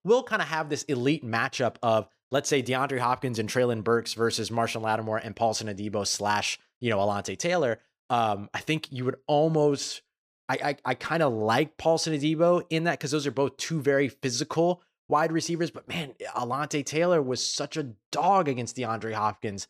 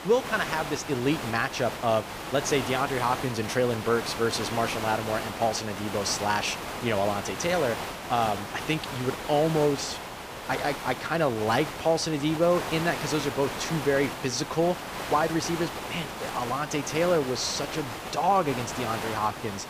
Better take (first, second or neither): first